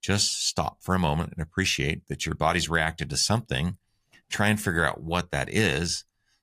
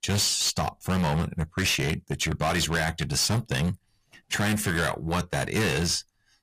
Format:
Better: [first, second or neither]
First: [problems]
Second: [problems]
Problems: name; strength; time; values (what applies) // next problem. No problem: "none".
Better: first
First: none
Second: distortion; heavy; 16% of the sound clipped